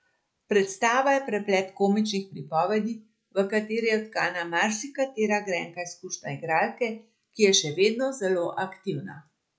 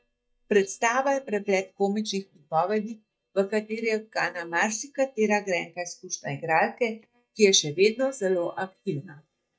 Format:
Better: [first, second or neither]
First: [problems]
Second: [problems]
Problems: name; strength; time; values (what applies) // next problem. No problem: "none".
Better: first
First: none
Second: noise reduction (neural mask model DeepFilterNet 3)